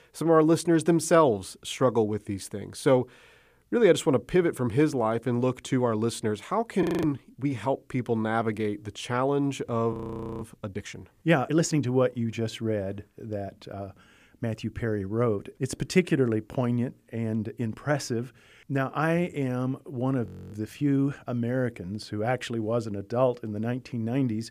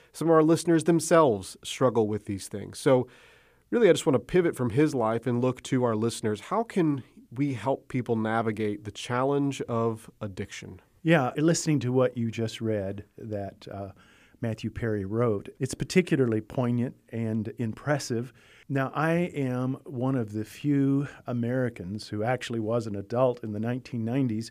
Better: second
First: audio freezing; at 7 s, at 10 s and at 20 s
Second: none

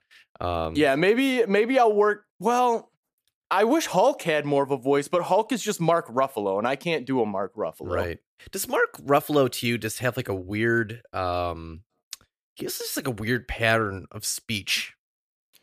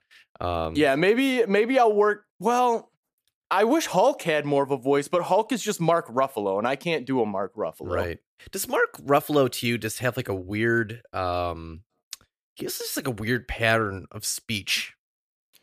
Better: neither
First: none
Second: none

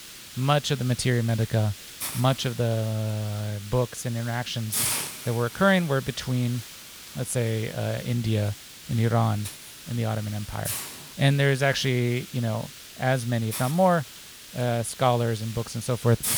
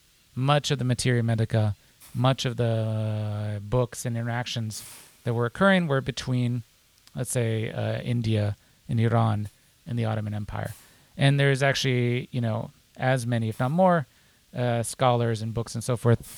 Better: second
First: hiss; loud; throughout; 10 dB below the speech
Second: hiss; faint; throughout; 30 dB below the speech

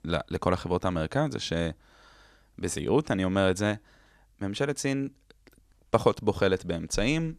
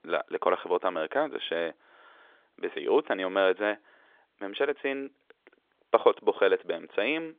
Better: first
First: none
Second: phone-call audio; nothing above 3.5 kHz

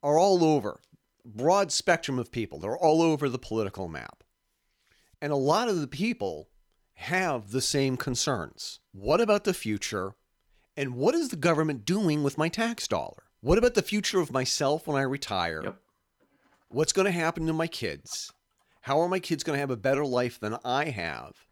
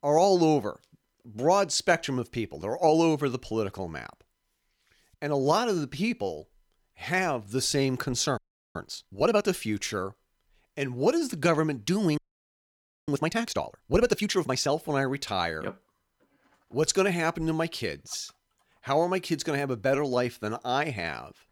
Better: first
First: none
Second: audio freezing; at 8.5 s and at 12 s for 1 s

